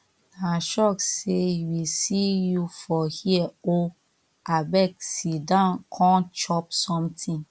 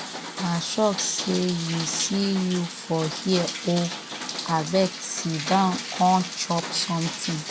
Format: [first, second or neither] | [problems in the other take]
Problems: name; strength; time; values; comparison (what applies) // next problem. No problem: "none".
first | background sound (Rain); 8 dB below the speech